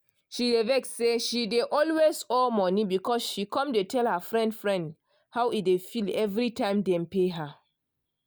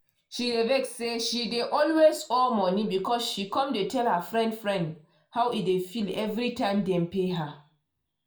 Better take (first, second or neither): first